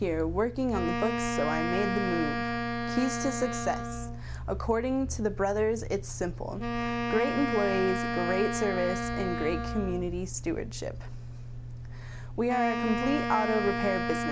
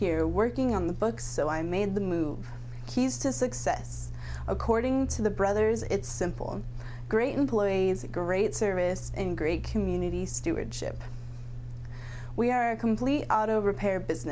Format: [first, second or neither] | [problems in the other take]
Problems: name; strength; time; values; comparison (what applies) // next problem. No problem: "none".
second | background sound (Wind instrument, woodwind instrument); 4 dB below the speech